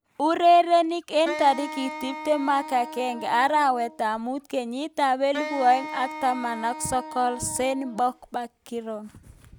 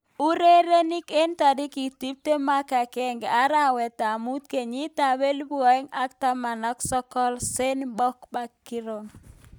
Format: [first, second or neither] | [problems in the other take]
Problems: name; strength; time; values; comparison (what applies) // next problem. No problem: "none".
second | background sound (Wind instrument, woodwind instrument); 12 dB below the speech